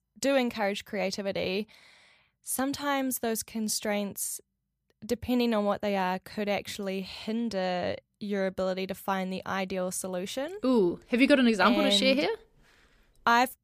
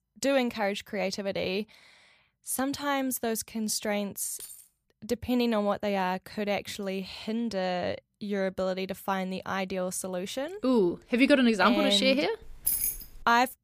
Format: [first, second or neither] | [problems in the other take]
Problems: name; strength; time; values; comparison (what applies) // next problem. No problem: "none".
first | jangling keys; faint; at 4.5 s; peak 15 dB below the speech // jangling keys; loud; at 12 s; peak 2 dB above the speech